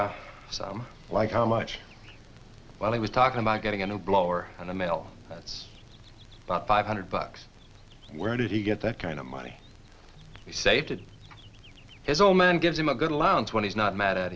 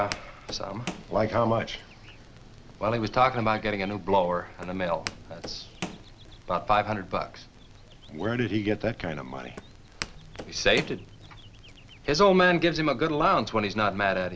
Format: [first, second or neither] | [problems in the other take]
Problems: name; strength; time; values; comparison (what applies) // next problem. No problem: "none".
first | background sound (Walk, footsteps); 18 dB below the speech